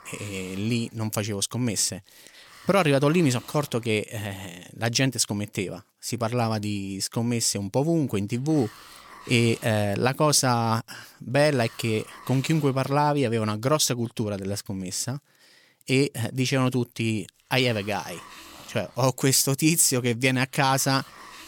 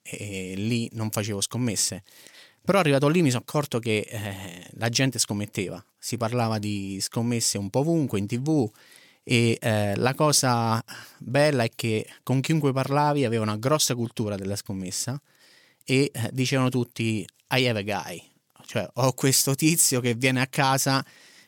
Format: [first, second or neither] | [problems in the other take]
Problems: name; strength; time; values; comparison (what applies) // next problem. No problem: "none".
second | hiss; faint; until 4 s, from 7.5 to 15 s and from 17 s on; 20 dB below the speech